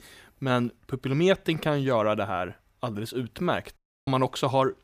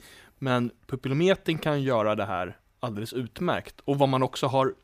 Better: second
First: audio cutting out; at 4 s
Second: none

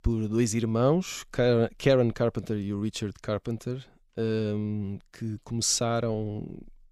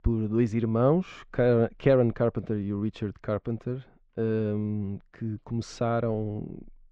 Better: first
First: none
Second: muffled; very; fading above 2 kHz

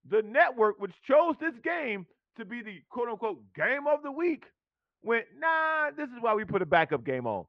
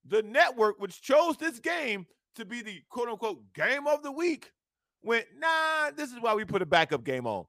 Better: second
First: muffled; very; fading above 2.5 kHz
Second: none

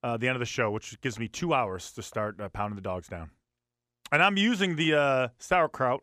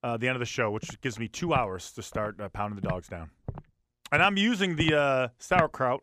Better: first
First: none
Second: footsteps; noticeable; from 1 s on; peak 5 dB below the speech

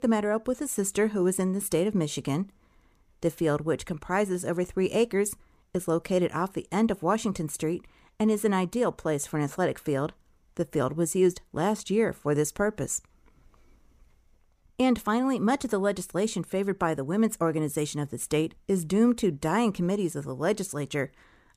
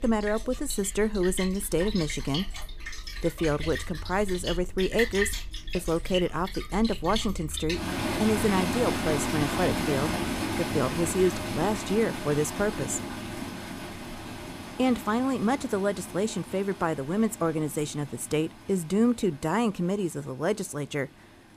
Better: first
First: none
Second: rain or running water; loud; throughout; 5 dB below the speech

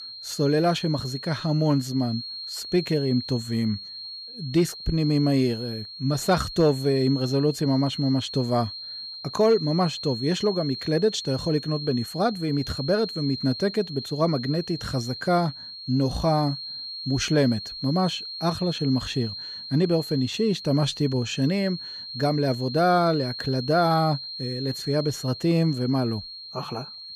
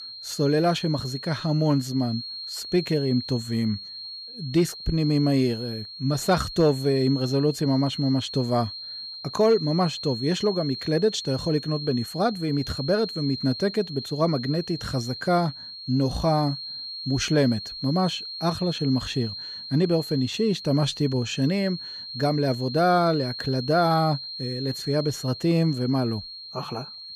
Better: neither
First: high-pitched whine; loud; throughout; 4 kHz, 10 dB below the speech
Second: high-pitched whine; loud; throughout; 4 kHz, 10 dB below the speech

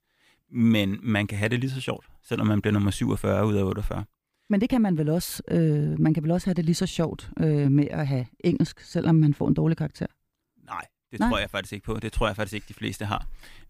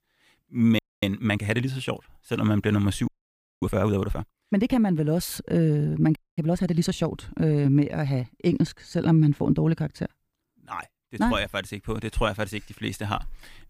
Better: first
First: none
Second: audio freezing; at 1 s, at 3 s for 0.5 s and at 6 s

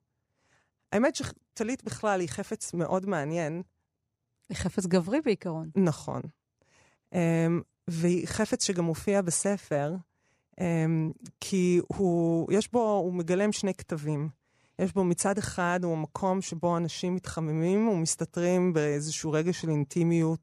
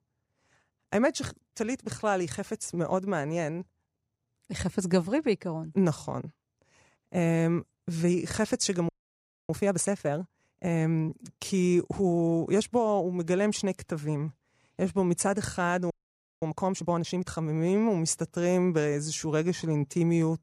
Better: first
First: none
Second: audio freezing; at 9 s for 0.5 s and at 16 s for 0.5 s

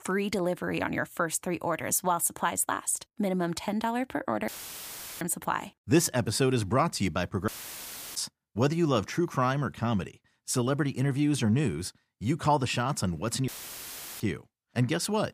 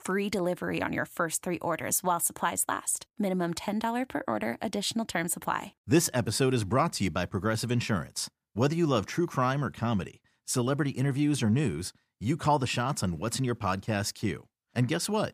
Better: second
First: audio cutting out; filled with static; at 4.5 s for 0.5 s, at 7.5 s for 0.5 s and at 13 s for 0.5 s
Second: none

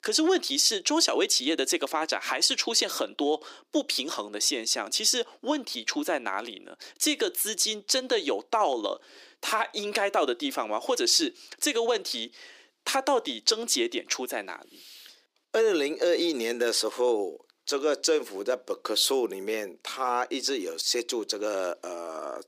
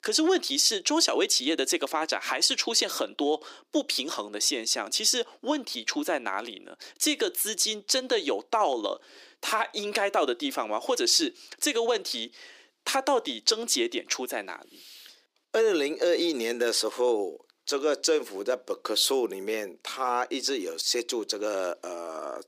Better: neither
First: thin; somewhat; fading below 300 Hz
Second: thin; somewhat; fading below 300 Hz

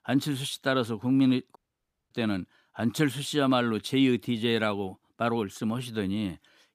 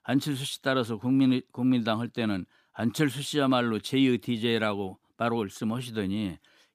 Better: second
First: audio cutting out; at 1.5 s for 0.5 s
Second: none

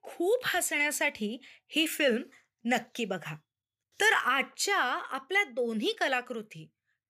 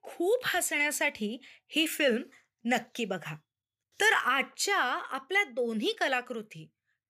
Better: neither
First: none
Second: none

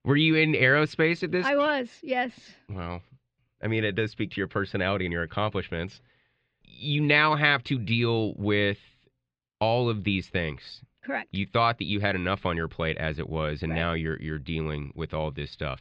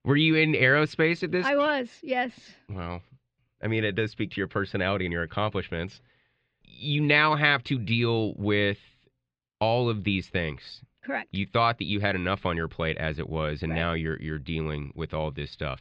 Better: neither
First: muffled; very slightly; fading above 4 kHz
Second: muffled; very slightly; fading above 4 kHz

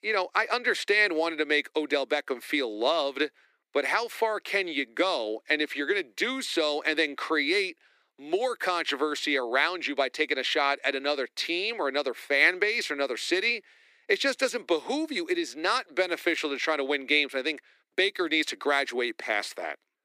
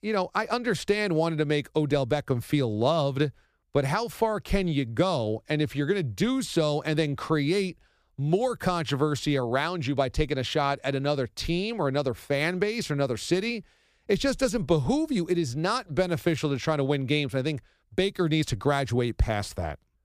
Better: second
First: thin; somewhat; fading below 300 Hz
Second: none

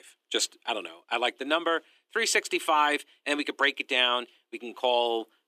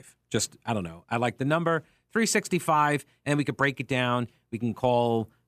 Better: second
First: thin; somewhat; fading below 300 Hz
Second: none

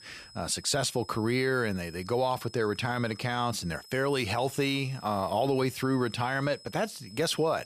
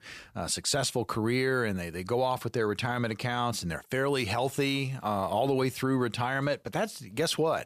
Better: second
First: high-pitched whine; noticeable; throughout; 5 kHz, 20 dB below the speech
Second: none

